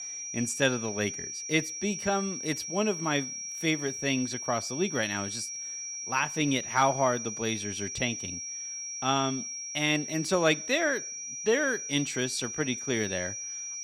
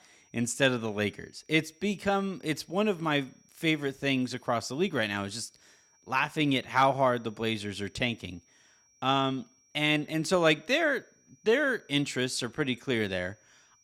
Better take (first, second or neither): second